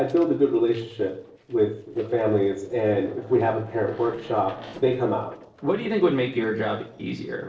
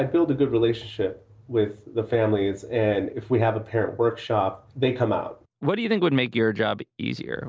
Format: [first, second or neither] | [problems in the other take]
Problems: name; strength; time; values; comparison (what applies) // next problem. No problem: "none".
second | noise reduction (neural separator model SepFormer DNS4)